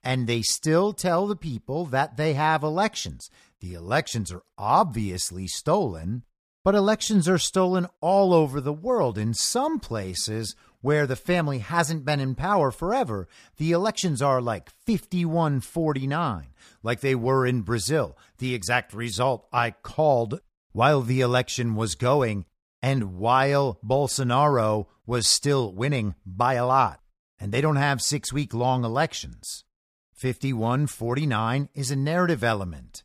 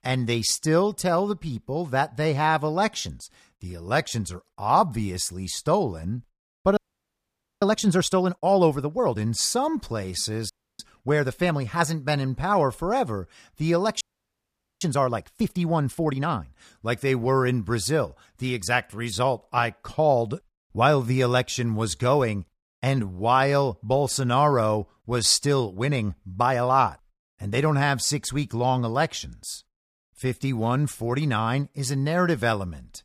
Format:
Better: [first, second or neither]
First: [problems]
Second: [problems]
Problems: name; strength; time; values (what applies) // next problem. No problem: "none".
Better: first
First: none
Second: audio freezing; at 7 s for 1 s, at 11 s and at 14 s for 1 s